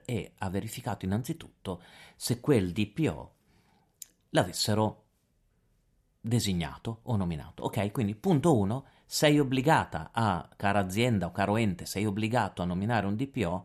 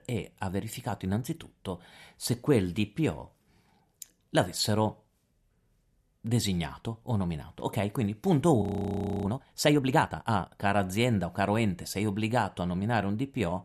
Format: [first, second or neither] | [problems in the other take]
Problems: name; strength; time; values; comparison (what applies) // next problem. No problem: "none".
first | audio freezing; at 8.5 s for 0.5 s